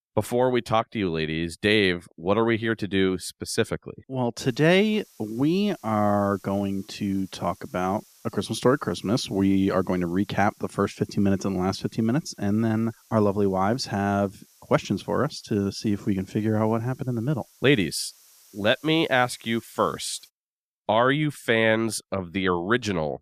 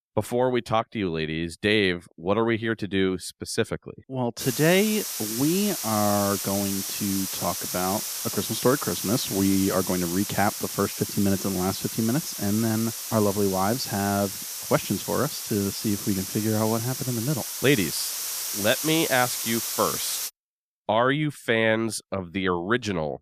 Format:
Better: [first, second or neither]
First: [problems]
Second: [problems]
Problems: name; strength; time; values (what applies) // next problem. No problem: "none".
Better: first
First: hiss; faint; from 4.5 to 20 s; 30 dB below the speech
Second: hiss; loud; from 4.5 to 20 s; 4 dB below the speech